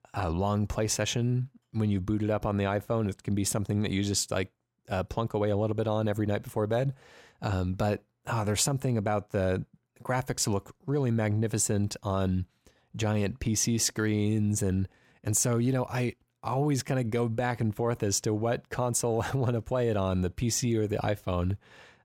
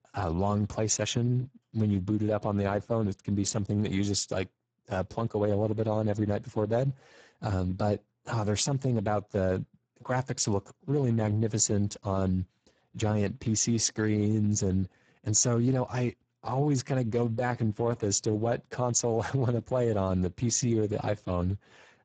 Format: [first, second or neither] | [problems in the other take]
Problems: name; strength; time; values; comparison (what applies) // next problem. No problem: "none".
first | garbled, watery; badly; nothing above 7.5 kHz